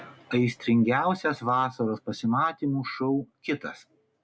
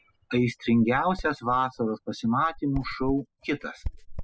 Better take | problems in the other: first | noise reduction (classical method spectral subtraction)

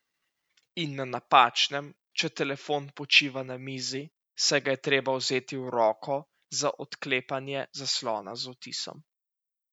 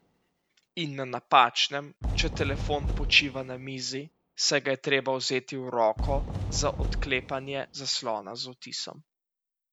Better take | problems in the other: first | background sound (Fireworks); 6 dB below the speech

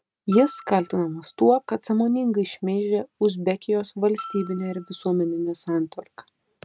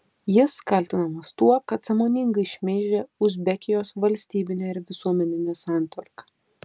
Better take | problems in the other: second | noise reduction (neural mask model RNNoise)

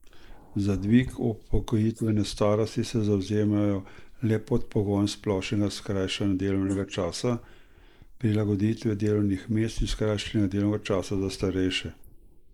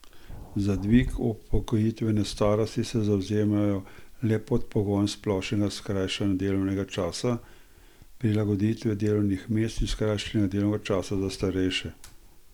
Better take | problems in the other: second | noise reduction (neural mask model Resemble Enhance denoiser)

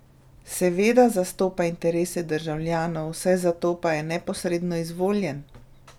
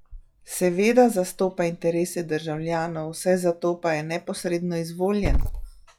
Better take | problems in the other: first | noise reduction (classical method log-MMSE)

